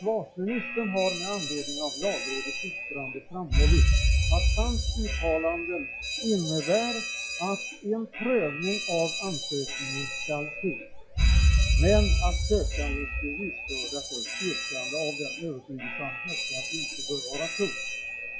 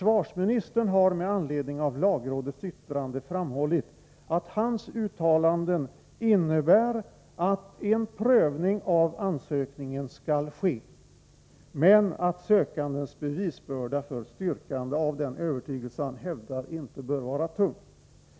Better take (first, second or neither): second